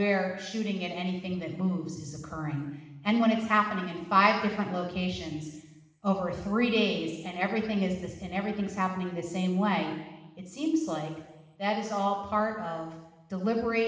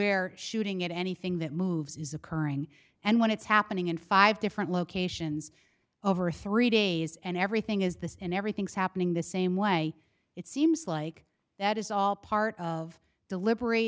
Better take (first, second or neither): second